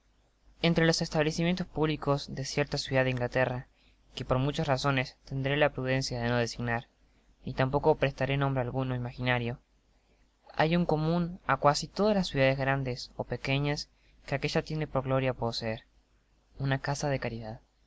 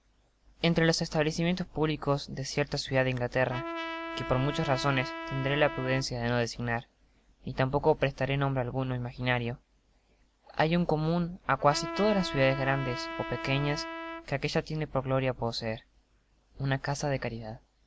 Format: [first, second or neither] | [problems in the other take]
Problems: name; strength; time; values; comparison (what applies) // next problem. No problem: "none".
first | background sound (Trumpet); 8 dB below the speech